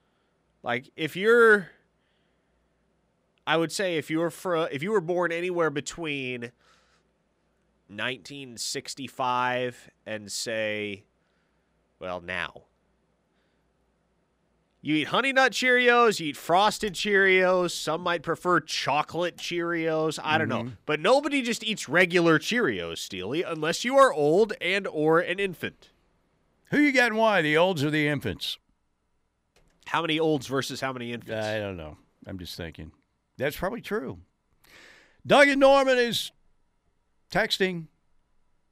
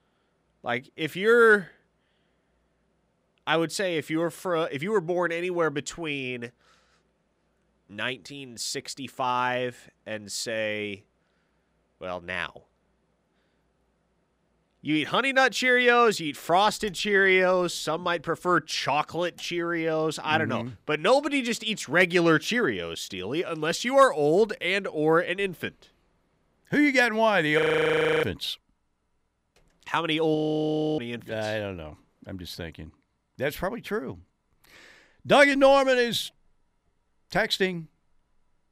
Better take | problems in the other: first | audio freezing; at 28 s for 0.5 s and at 30 s for 0.5 s

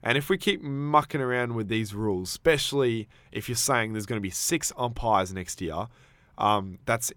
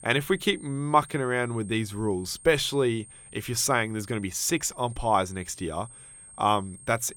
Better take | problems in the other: first | high-pitched whine; noticeable; throughout; 8.5 kHz, 20 dB below the speech

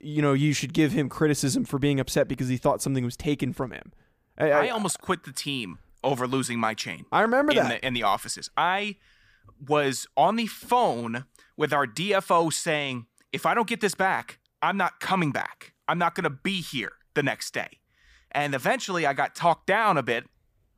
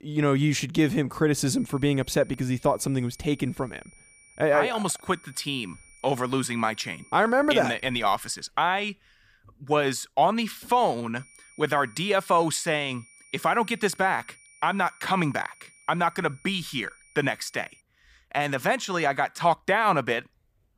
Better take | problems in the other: first | high-pitched whine; faint; from 1.5 to 8 s and from 11 to 18 s; 2.5 kHz, 25 dB below the speech

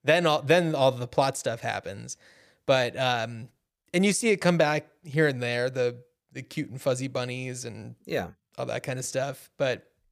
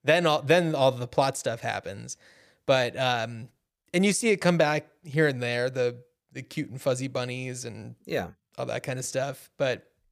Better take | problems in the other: neither | none

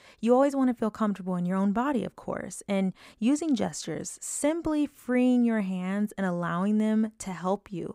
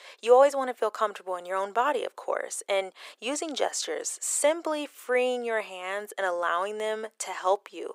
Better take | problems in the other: first | thin; very; fading below 400 Hz

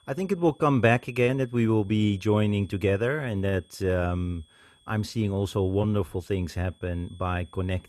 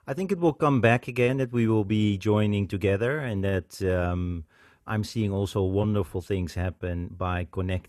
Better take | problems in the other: second | high-pitched whine; faint; throughout; 3.5 kHz, 30 dB below the speech

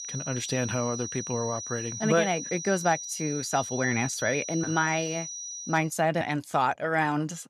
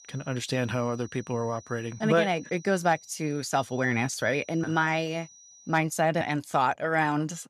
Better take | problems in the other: second | high-pitched whine; loud; until 6 s; 6 kHz, 7 dB below the speech; faint in the second

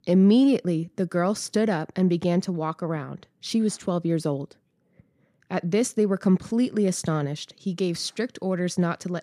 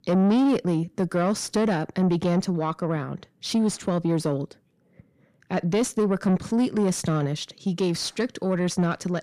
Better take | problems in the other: first | distortion; slight; 10 dB below the speech

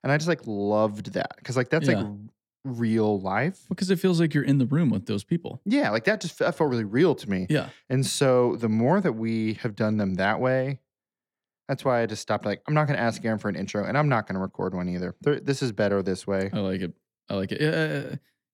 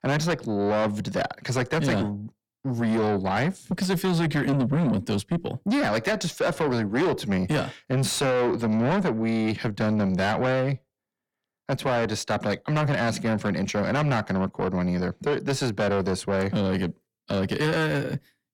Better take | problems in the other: first | distortion; heavy; 7 dB below the speech

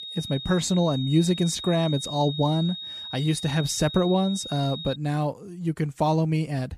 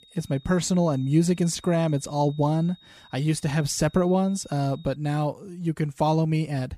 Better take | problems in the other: second | high-pitched whine; loud; until 5 s; 3.5 kHz, 9 dB below the speech; faint in the second

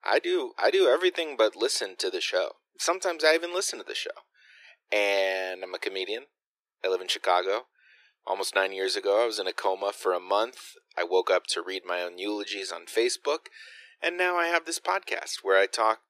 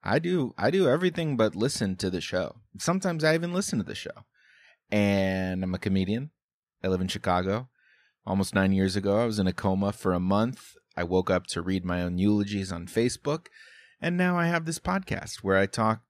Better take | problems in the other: second | thin; very; fading below 350 Hz

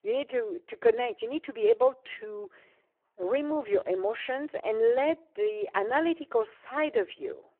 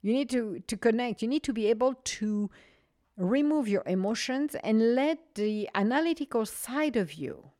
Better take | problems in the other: second | phone-call audio; poor line

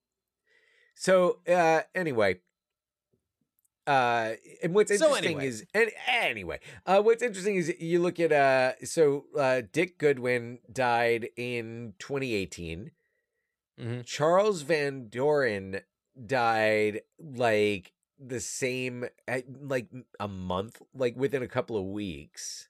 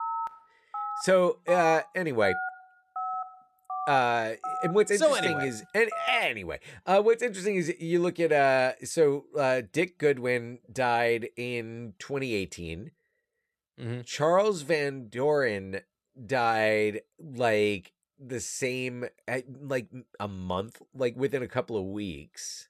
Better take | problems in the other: first | phone ringing; noticeable; until 6 s; peak 5 dB below the speech

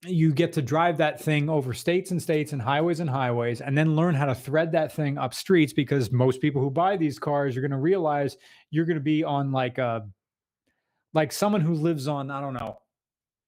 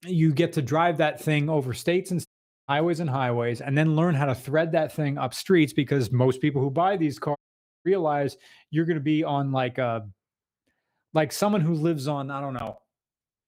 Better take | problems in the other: first | audio cutting out; at 2.5 s and at 7.5 s

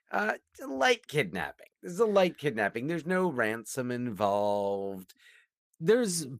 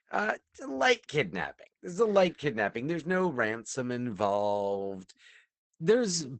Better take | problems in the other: first | garbled, watery; badly; nothing above 8 kHz; slightly in the first

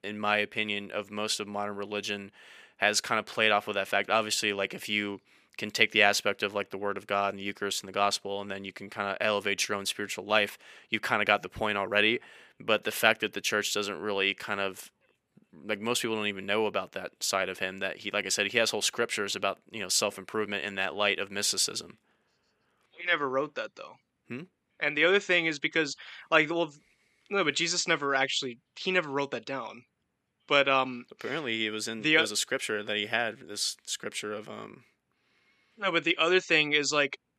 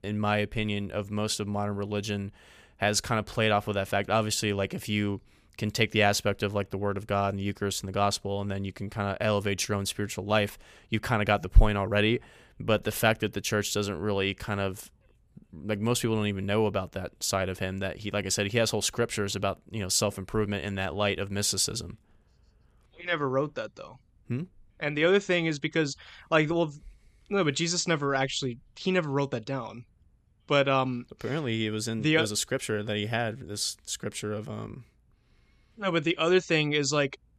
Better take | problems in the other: second | thin; somewhat; fading below 250 Hz

